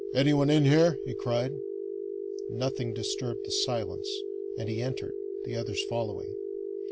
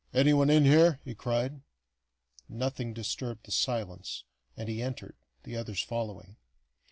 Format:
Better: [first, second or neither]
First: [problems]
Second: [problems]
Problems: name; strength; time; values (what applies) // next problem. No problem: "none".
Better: second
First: background sound (Telephone); 5 dB below the speech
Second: none